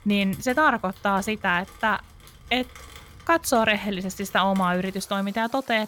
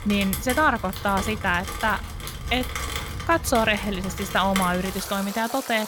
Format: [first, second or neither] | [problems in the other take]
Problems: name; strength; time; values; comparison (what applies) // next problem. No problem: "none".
first | rain or running water; loud; throughout; 7 dB below the speech; faint in the first